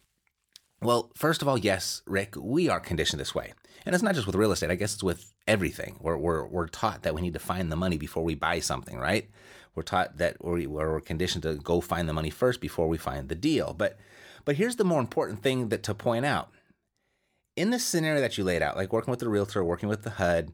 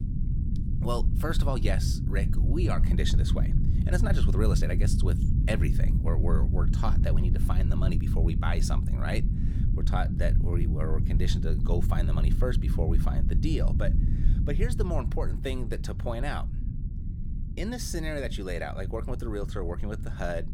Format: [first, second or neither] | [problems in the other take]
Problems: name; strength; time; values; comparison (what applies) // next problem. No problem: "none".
first | low rumble; loud; throughout; 6 dB below the speech